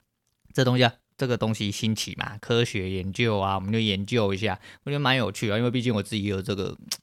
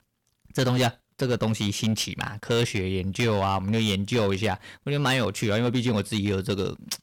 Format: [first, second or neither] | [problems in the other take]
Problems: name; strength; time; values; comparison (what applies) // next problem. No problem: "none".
first | distortion; slight; 8% of the sound clipped